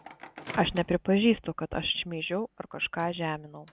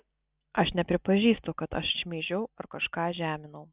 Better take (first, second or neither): second